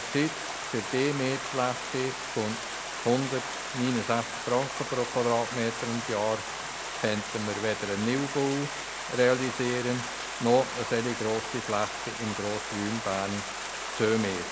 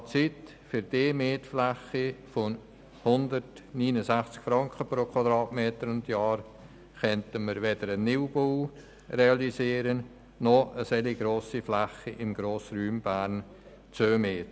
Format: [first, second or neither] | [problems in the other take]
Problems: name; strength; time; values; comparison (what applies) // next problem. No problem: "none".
second | background sound (Stream); 6 dB below the speech